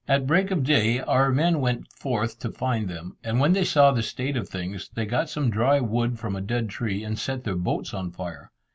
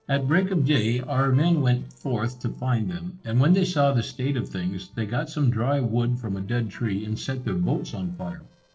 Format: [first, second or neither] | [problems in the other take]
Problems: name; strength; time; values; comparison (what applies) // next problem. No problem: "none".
first | noise reduction (neural separator model SepFormer DNS4)